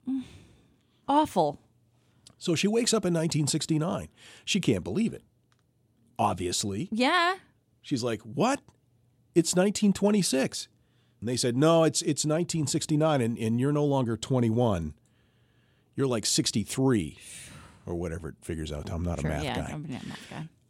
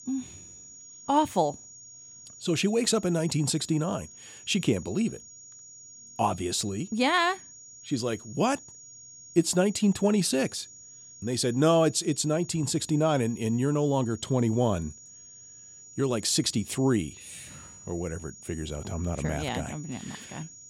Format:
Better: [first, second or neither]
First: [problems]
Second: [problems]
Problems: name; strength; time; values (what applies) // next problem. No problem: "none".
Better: first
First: none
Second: high-pitched whine; noticeable; throughout; 7 kHz, 20 dB below the speech